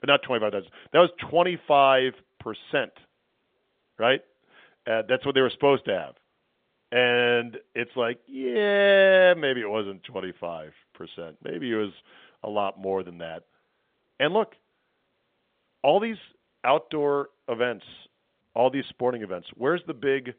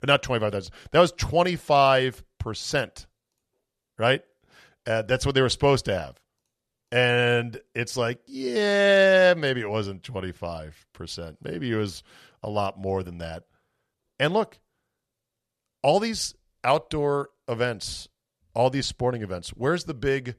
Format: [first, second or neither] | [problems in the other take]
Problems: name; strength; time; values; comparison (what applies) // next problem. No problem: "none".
second | phone-call audio; nothing above 3.5 kHz